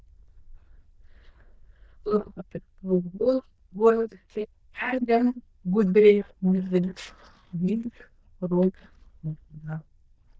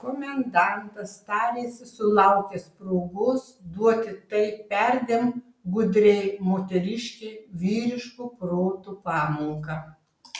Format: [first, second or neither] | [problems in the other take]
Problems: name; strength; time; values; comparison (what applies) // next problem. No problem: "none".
second | noise reduction (neural diffusion model UNIVERSE++)